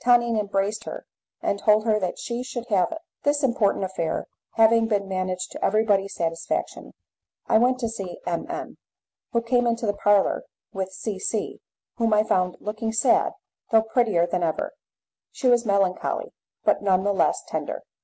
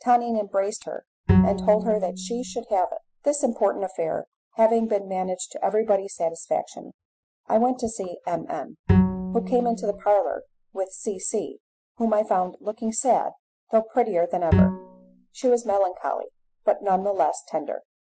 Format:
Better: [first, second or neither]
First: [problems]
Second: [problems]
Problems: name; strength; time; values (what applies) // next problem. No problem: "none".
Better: first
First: none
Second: noise reduction (classical method Wiener filter)